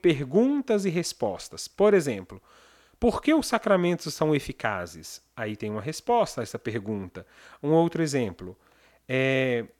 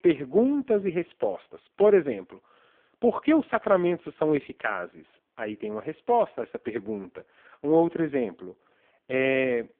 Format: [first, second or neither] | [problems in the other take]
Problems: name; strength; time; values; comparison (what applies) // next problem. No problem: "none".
first | phone-call audio; poor line